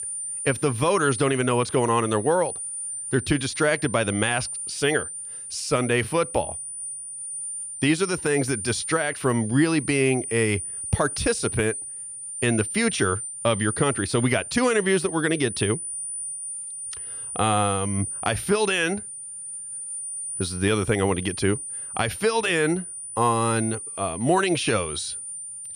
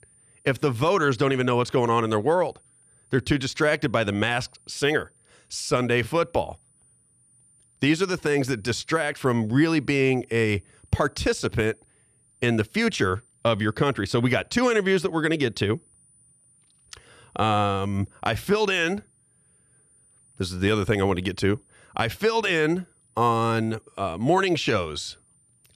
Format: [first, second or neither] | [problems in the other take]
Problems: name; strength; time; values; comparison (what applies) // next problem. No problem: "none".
second | high-pitched whine; loud; throughout; 9.5 kHz, 7 dB below the speech; faint in the second